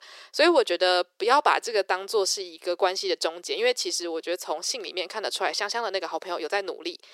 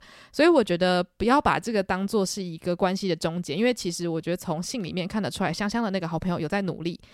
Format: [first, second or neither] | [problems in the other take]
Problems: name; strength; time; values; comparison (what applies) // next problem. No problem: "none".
second | thin; very; fading below 350 Hz